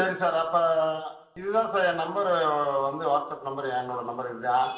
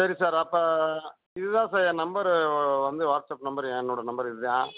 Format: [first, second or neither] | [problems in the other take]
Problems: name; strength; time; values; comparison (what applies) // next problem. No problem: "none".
second | room echo; dies away in 0.7 s